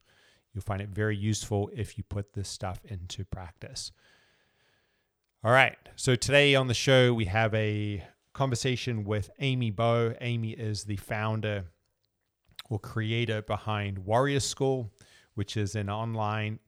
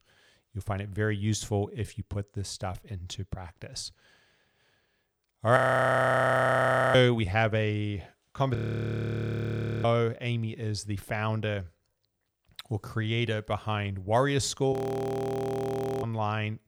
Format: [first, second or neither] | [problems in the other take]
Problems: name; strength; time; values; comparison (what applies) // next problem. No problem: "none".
first | audio freezing; at 5.5 s for 1.5 s, at 8.5 s for 1.5 s and at 15 s for 1.5 s